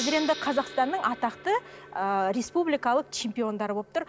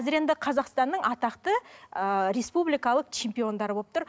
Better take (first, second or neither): second